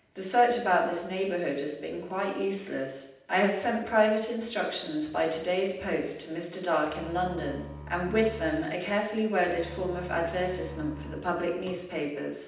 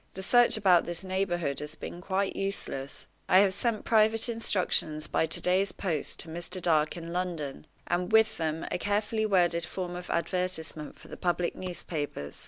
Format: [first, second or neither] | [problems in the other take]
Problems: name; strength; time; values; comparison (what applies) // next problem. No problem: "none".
second | background sound (Bowed string instrument); 13 dB below the speech // room echo; dies away in 0.8 s